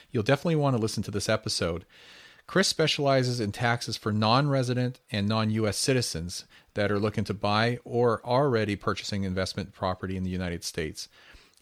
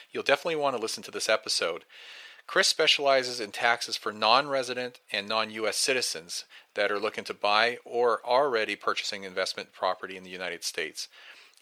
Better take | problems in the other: first | thin; very; fading below 550 Hz

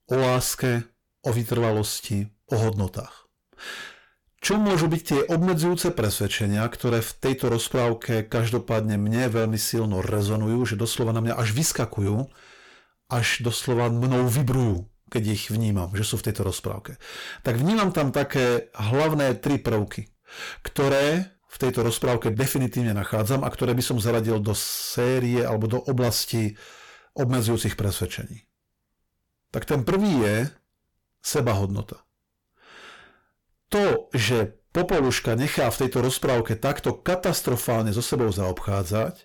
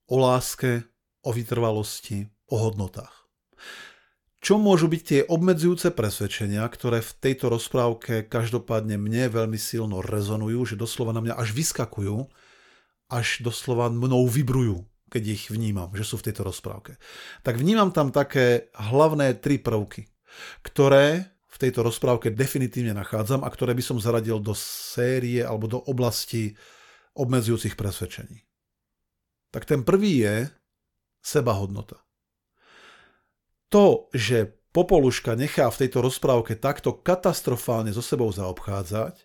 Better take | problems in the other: second | distortion; heavy; 6 dB below the speech

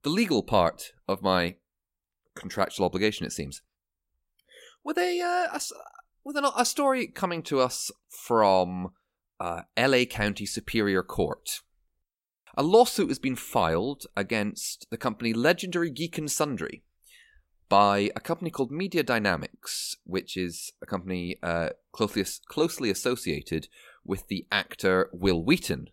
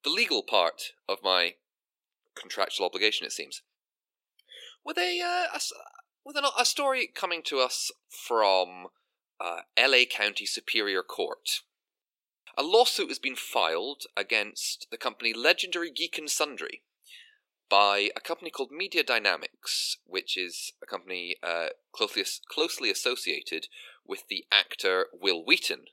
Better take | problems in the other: first | thin; somewhat; fading below 350 Hz

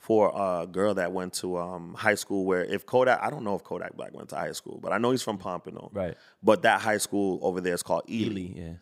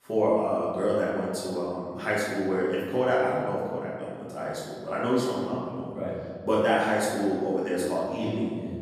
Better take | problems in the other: first | room echo; strong; dies away in 2.3 s // off-mic speech; far

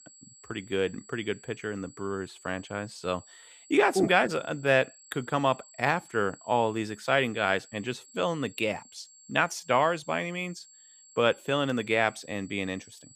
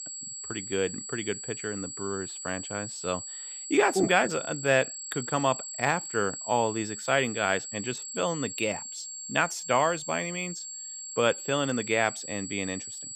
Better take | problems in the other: first | high-pitched whine; loud; throughout; 7.5 kHz, 7 dB below the speech; faint in the first

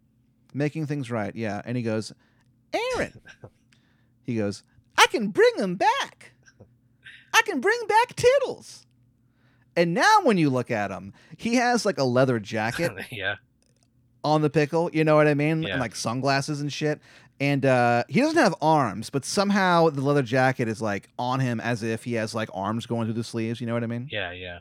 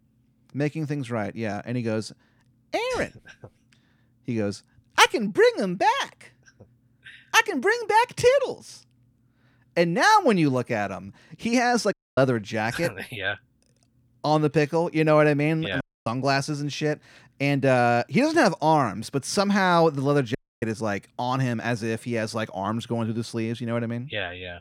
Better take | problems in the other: first | audio cutting out; at 12 s, at 16 s and at 20 s

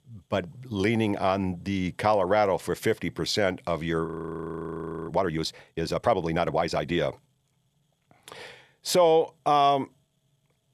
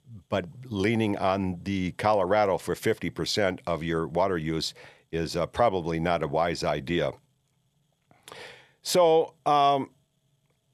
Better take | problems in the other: second | audio freezing; at 4 s for 1 s

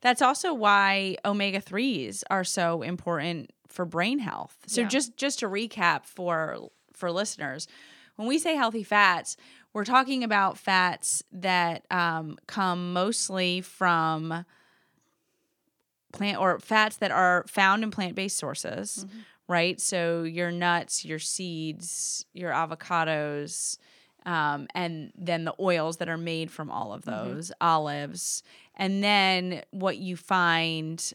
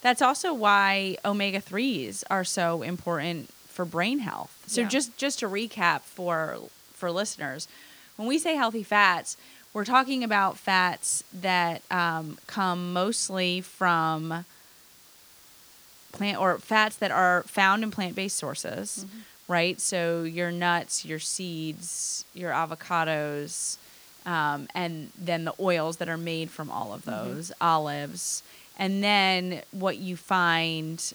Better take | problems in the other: first | hiss; faint; throughout; 25 dB below the speech

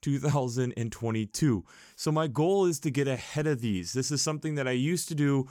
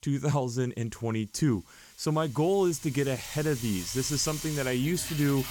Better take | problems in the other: first | household noises; loud; throughout; 10 dB below the speech

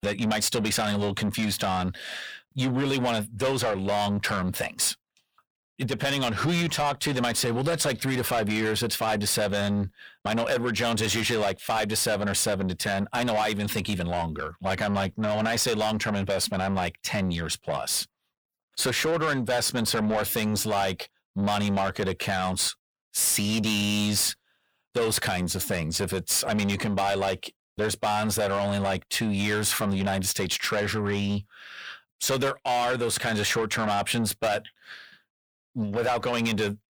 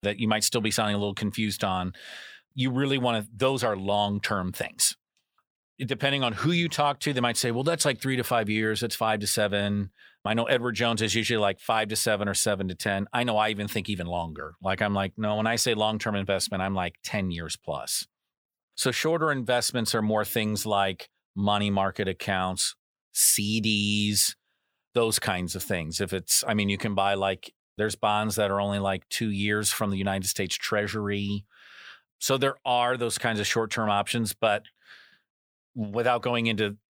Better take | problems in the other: second | distortion; heavy; 7 dB below the speech

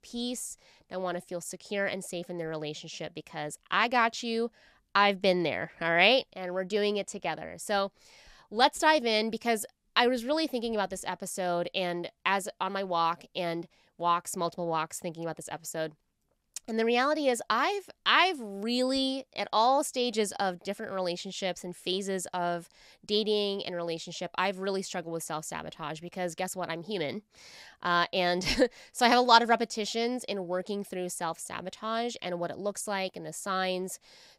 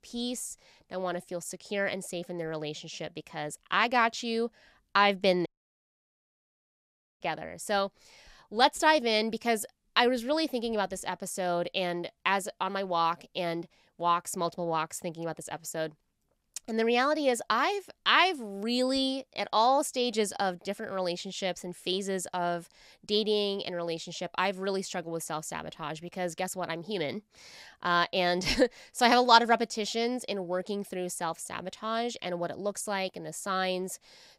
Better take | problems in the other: first | audio cutting out; at 5.5 s for 1.5 s

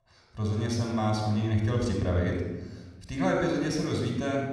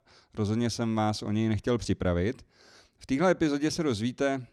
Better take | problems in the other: second | room echo; noticeable; dies away in 1 s // off-mic speech; somewhat distant

